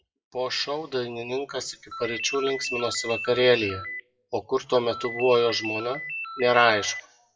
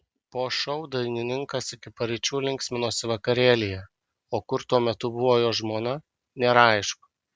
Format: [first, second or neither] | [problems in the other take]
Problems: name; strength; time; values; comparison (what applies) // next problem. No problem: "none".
second | noise reduction (classical method WPE with log-MMSE)